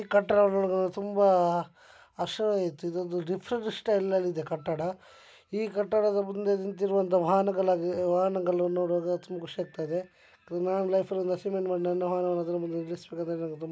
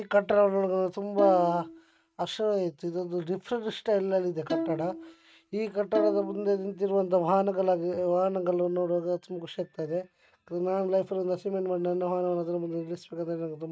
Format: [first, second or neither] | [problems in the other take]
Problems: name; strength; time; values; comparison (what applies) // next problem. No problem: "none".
first | noise reduction (neural mask model RNNoise)